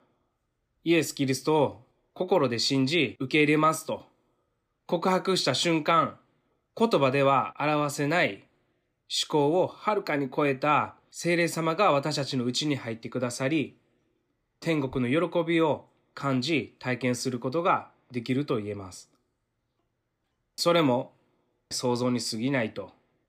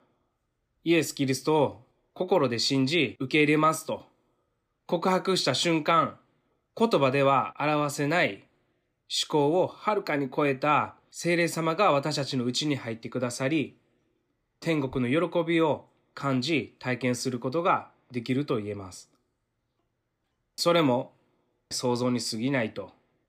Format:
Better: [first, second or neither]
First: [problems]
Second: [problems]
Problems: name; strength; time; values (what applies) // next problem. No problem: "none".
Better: neither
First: none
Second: none